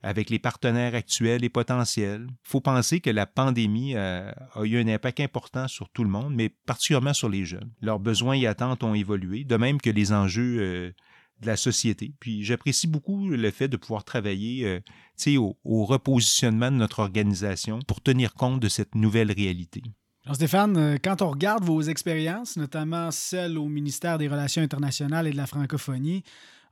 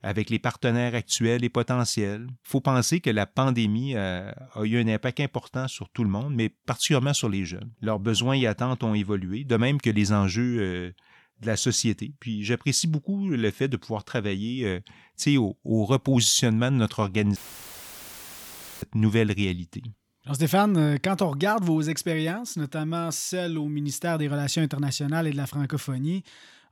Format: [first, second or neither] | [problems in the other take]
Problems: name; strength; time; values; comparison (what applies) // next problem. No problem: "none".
first | audio cutting out; filled with static; at 17 s for 1.5 s